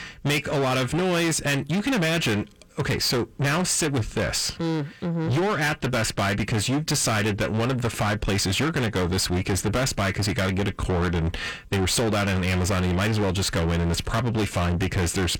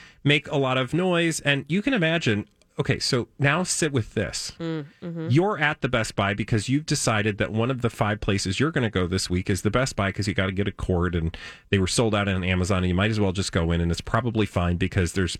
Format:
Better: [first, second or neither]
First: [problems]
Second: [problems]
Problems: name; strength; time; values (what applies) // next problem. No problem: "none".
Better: second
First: distortion; heavy; 6 dB below the speech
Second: none